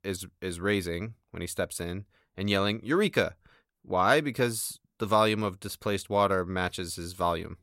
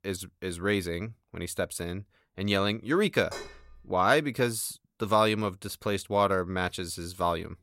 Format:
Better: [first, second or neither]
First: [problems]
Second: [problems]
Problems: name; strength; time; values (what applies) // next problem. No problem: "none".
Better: first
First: none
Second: clattering dishes; faint; at 3.5 s; peak 10 dB below the speech